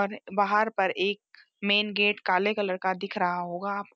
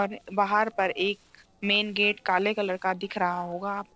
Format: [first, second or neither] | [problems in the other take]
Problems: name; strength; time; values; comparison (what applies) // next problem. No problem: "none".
first | noise reduction (neural separator model SepFormer DNS4)